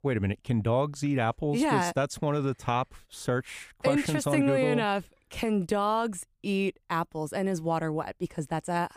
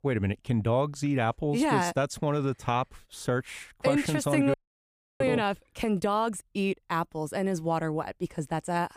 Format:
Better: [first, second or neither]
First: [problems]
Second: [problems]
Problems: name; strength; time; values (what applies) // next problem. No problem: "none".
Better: first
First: none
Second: audio freezing; at 4.5 s for 0.5 s